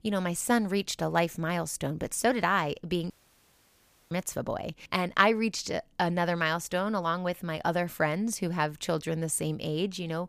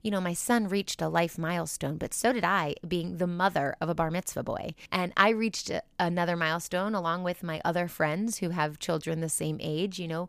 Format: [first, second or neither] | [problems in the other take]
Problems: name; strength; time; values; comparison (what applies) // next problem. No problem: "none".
second | audio cutting out; at 3 s for 1 s